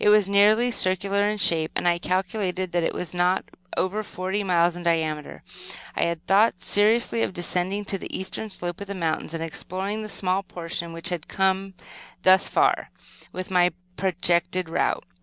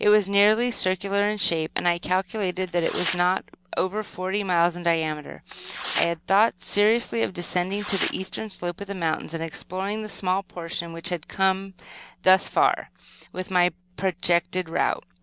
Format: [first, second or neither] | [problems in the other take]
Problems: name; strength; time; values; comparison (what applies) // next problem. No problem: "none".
first | background sound (Tearing); 11 dB below the speech